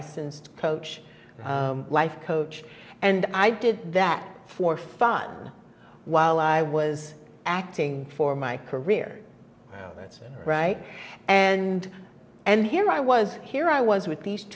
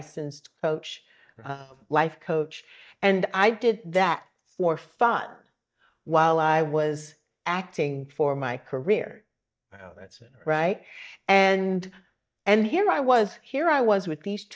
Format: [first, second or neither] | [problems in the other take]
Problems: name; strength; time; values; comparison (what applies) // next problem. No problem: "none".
first | noise reduction (neural mask model DeepFilterNet 3)